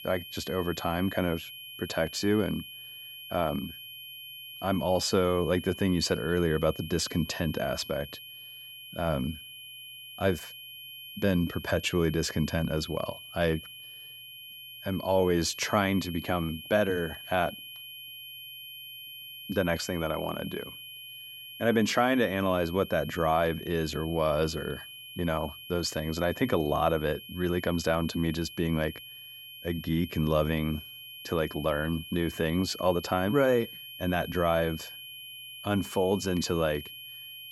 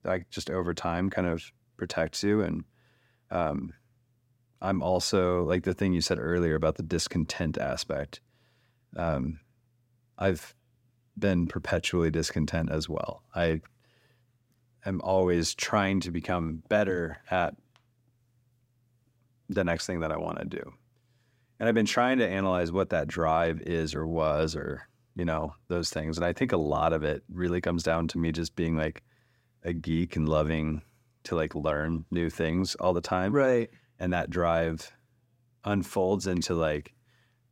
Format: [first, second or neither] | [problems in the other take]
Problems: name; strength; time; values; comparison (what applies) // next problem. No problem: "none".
second | high-pitched whine; noticeable; throughout; 3 kHz, 15 dB below the speech